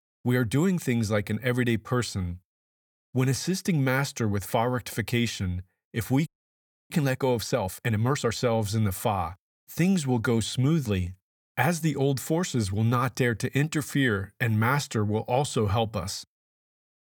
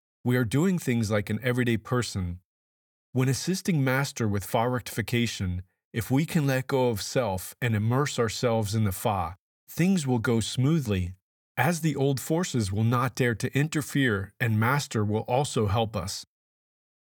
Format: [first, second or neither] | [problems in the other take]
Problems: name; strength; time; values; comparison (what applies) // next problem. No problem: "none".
second | audio freezing; at 6.5 s for 0.5 s